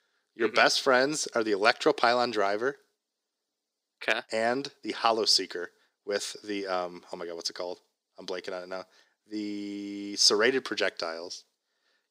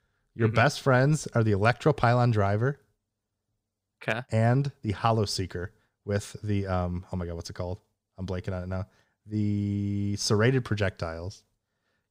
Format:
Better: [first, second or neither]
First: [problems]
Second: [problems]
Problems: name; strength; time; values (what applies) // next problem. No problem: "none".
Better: second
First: thin; very; fading below 300 Hz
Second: none